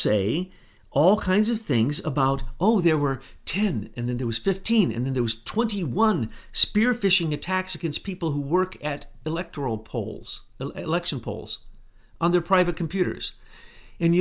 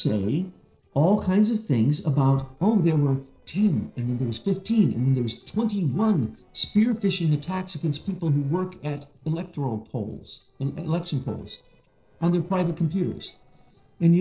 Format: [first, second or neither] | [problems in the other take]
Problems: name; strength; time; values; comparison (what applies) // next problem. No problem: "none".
first | noise reduction (neural separator model SepFormer DNS4)